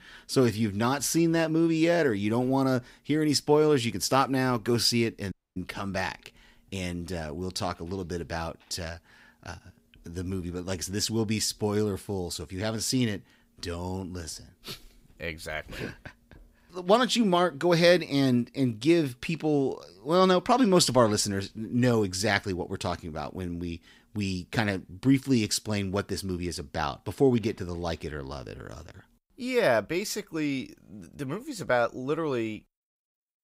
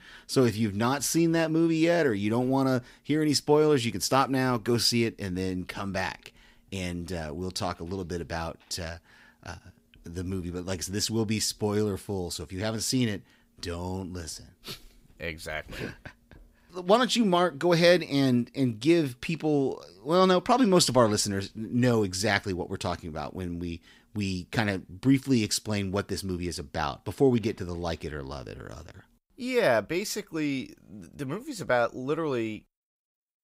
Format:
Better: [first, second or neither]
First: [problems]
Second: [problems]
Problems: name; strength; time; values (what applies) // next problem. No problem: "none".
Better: second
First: audio cutting out; at 5.5 s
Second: none